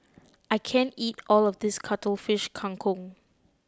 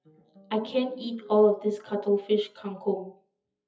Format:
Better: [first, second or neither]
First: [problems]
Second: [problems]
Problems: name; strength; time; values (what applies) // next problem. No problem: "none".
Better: first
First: none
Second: noise reduction (classical method WPE with log-MMSE)